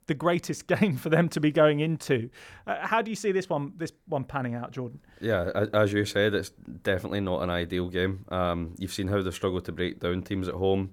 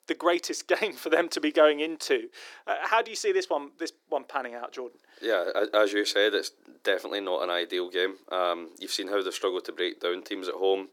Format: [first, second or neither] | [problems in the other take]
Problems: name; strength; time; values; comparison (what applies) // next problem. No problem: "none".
first | thin; very; fading below 350 Hz